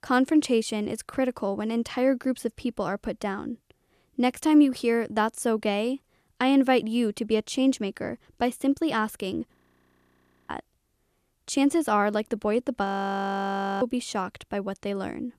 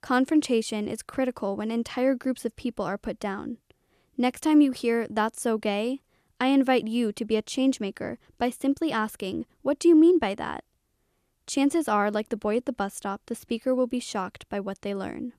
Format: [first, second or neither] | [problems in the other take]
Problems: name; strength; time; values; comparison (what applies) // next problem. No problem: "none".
second | audio freezing; at 9.5 s for 1 s and at 13 s for 1 s